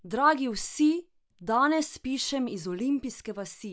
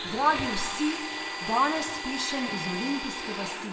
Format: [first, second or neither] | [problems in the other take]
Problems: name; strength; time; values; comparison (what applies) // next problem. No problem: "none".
first | background sound (Domestic sounds, home sounds); 4 dB below the speech // room echo; dies away in 0.7 s